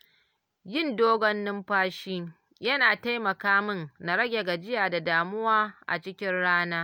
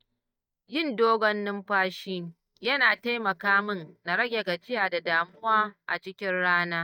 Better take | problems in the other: first | noise reduction (neural mask model DeepFilterNet 3)

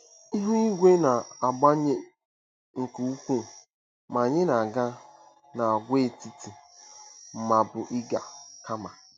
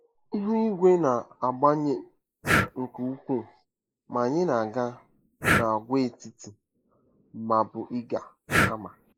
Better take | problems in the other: first | noise reduction (neural mask model Resemble Enhance denoiser)

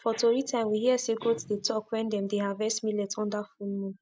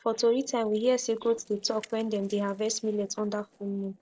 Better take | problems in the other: first | noise reduction (neural separator model SepFormer DNS4)

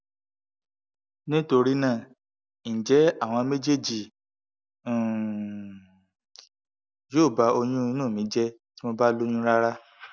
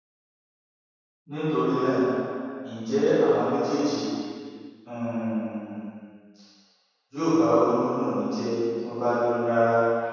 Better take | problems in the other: first | room echo; dies away in 2.2 s

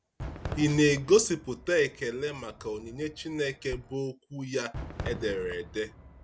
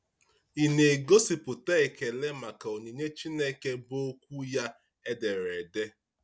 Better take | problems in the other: second | background sound (Fireworks); 13 dB below the speech

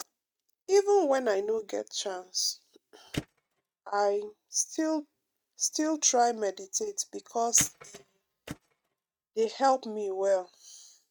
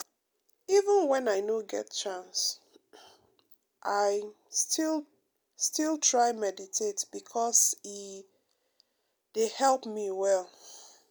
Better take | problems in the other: second | noise reduction (neural mask model RNNoise)

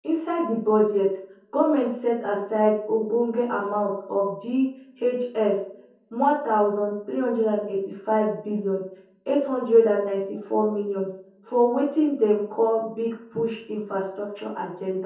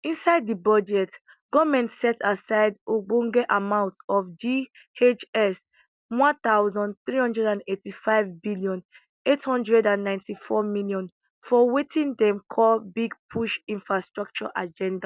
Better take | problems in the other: second | room echo; dies away in 0.6 s

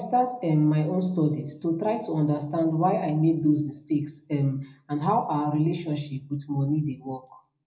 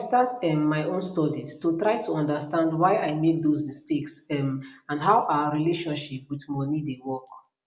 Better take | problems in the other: second | room echo; dies away in 0.4 s

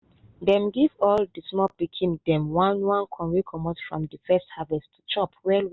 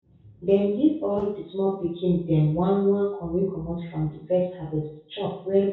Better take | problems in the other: first | room echo; dies away in 0.6 s

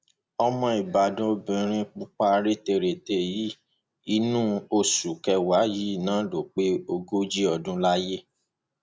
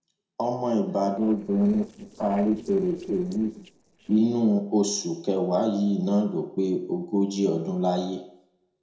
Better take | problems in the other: first | noise reduction (neural separator model SepFormer DNS4)

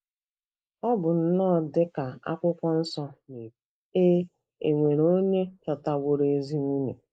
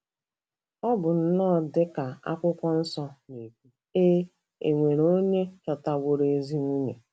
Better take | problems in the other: second | noise reduction (neural mask model Resemble Enhance denoiser)

